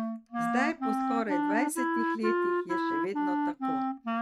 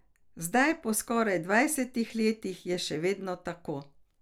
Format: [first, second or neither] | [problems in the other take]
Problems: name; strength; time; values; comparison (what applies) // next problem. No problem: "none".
second | noise reduction (neural mask model RNNoise)